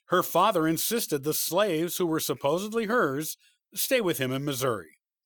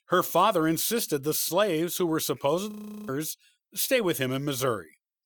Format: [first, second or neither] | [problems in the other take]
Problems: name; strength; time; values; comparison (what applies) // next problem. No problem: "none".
first | audio freezing; at 2.5 s